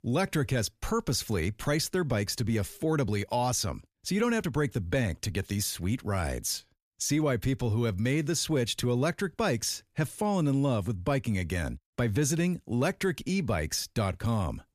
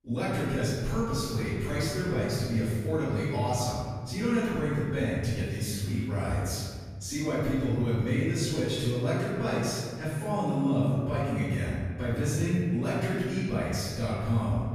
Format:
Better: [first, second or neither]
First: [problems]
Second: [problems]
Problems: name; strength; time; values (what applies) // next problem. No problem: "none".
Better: first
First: none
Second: off-mic speech; far // room echo; strong; dies away in 1.9 s